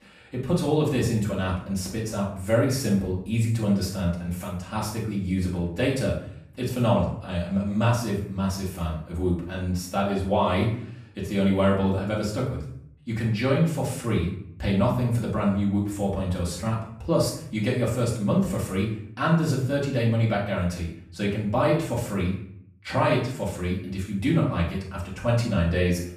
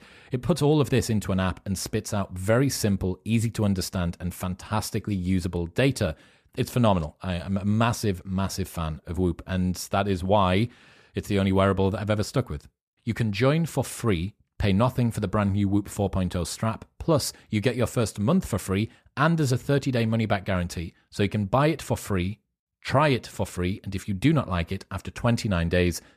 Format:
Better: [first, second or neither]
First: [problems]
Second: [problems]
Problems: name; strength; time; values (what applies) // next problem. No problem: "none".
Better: second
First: off-mic speech; far // room echo; noticeable; dies away in 0.5 s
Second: none